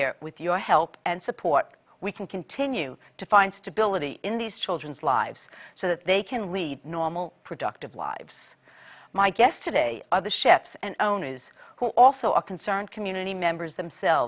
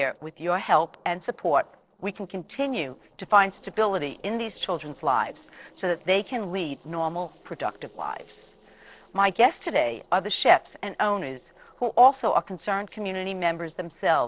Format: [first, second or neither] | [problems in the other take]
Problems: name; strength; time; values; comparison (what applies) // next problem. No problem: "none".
first | noise reduction (neural separator model SepFormer DNS4)